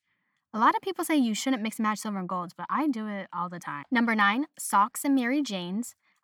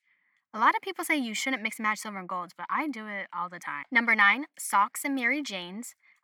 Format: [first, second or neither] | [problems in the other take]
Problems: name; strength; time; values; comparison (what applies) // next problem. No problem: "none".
first | thin; very slightly; fading below 900 Hz